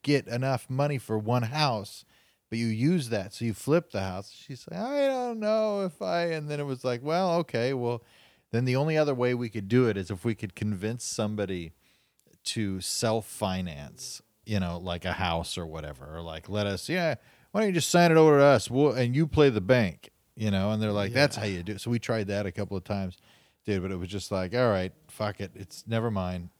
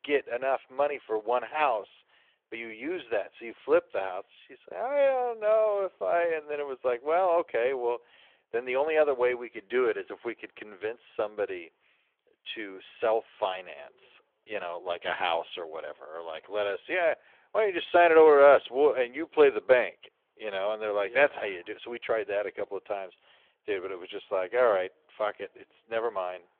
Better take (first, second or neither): first